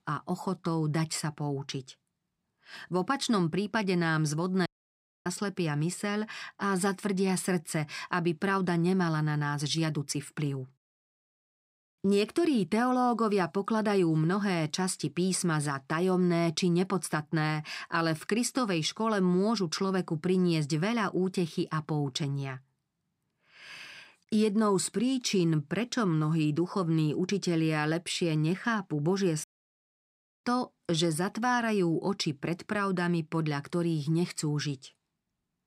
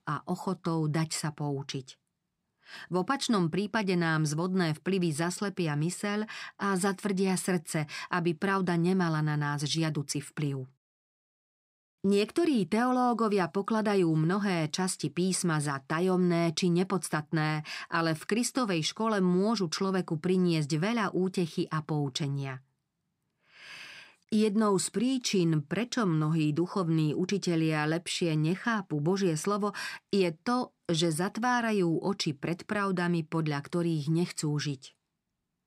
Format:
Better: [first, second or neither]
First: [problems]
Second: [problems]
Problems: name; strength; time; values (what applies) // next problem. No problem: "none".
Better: second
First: audio cutting out; at 4.5 s for 0.5 s and at 29 s for 1 s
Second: none